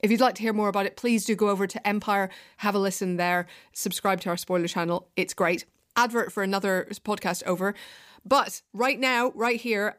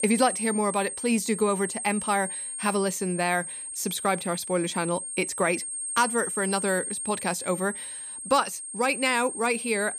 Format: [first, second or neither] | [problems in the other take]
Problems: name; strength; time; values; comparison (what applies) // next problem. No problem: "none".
first | high-pitched whine; loud; throughout; 8.5 kHz, 5 dB below the speech